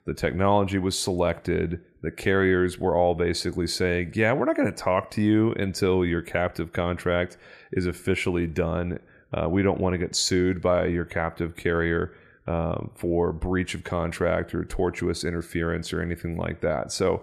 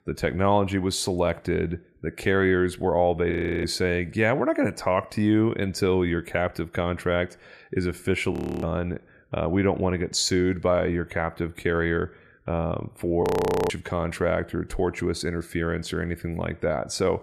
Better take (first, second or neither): first